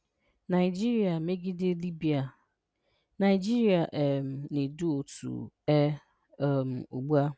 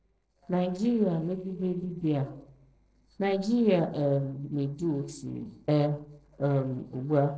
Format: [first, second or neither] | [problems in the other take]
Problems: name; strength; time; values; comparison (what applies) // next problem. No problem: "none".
first | noise reduction (neural separator model SepFormer DNS4)